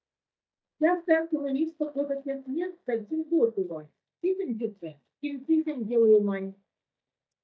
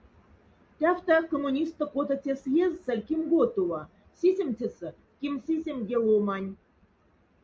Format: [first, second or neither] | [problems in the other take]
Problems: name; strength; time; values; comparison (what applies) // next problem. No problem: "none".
second | noise reduction (neural mask model DeepFilterNet 3)